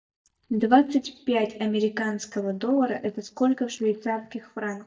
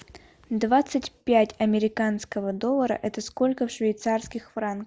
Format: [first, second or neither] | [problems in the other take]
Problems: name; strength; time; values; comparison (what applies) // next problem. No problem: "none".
second | noise reduction (neural mask model DeepFilterNet 3)